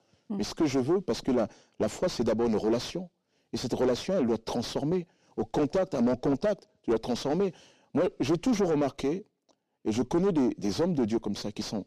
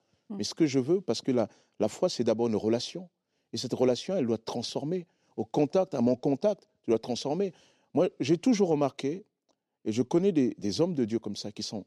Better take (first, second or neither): second